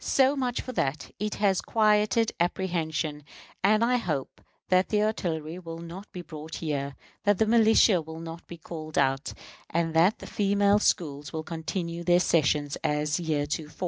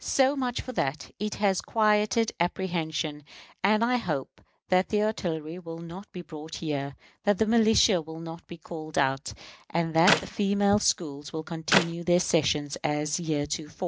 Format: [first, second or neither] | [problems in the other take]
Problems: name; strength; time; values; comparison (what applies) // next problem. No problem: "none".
first | background sound (Clapping); 3 dB below the speech